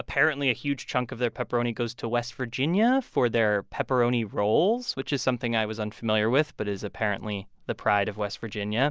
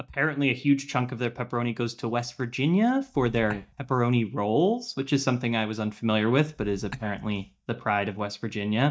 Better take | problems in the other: first | noise reduction (neural mask model DeepFilterNet 3)

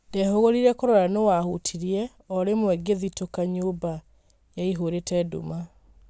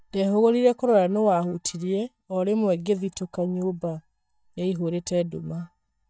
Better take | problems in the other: first | noise reduction (neural mask model DeepFilterNet 3)

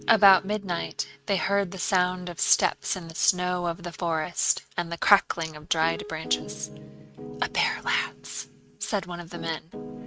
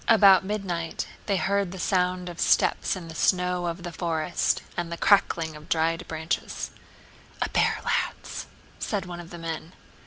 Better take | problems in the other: second | noise reduction (neural mask model RNNoise)

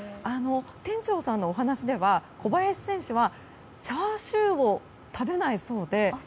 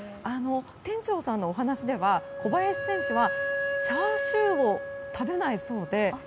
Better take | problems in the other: first | background sound (Wind instrument, woodwind instrument); 5 dB below the speech

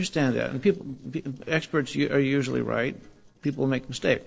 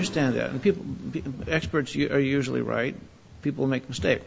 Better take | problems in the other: second | noise reduction (neural separator model SepFormer DNS4)

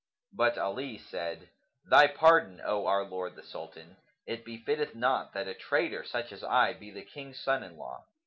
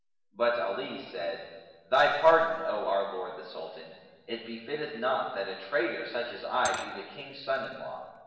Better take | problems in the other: first | background sound (Glass / Liquid); 18 dB below the speech // room echo; dies away in 1.2 s

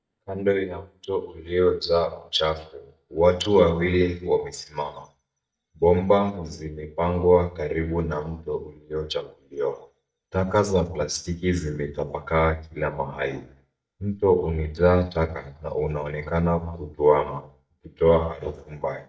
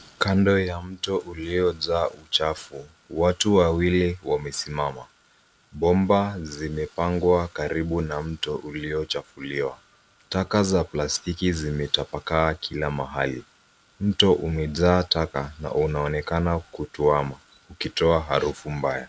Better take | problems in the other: second | noise reduction (neural mask model DeepFilterNet 3)

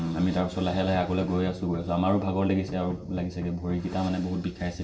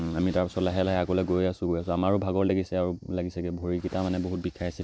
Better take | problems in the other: second | background sound (Knock); 17 dB below the speech // room echo; dies away in 0.7 s

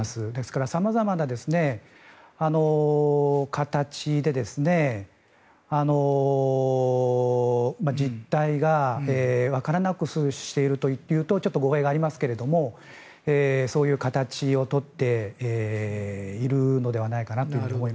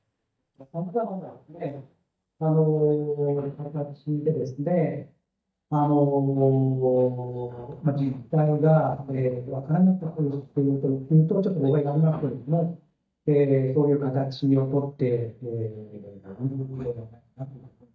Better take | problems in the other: first | noise reduction (neural mask model DeepFilterNet 3)

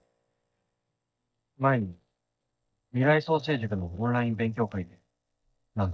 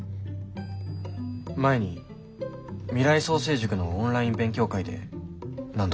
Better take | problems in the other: second | noise reduction (neural mask model DeepFilterNet 3)

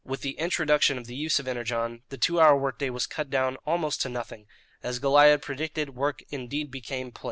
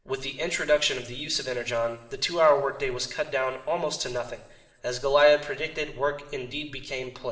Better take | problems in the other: first | room echo; dies away in 1.4 s

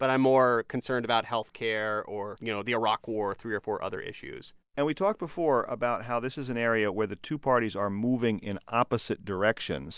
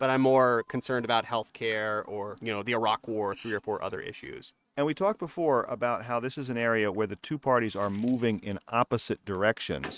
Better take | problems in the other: first | noise reduction (neural mask model RNNoise)

